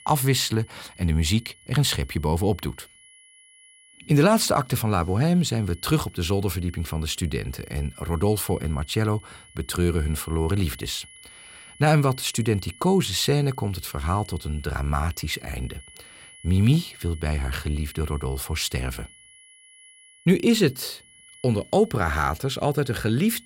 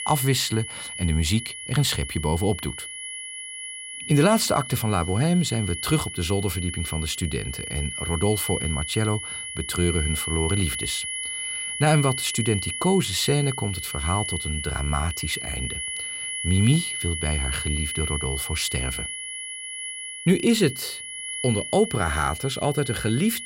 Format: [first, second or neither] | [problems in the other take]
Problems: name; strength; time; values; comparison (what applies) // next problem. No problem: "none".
first | high-pitched whine; loud; throughout; 2 kHz, 5 dB below the speech; faint in the first